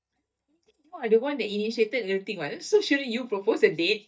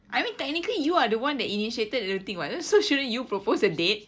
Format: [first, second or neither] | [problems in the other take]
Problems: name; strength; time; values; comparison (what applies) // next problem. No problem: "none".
second | noise reduction (neural mask model DeepFilterNet 3)